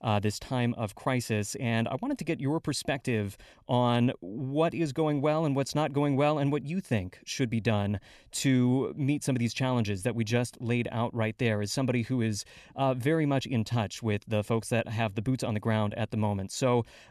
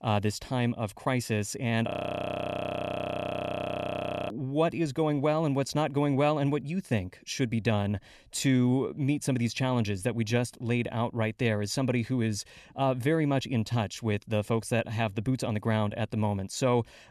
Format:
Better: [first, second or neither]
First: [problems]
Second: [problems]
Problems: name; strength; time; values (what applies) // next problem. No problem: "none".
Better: first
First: none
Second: audio freezing; at 2 s for 2.5 s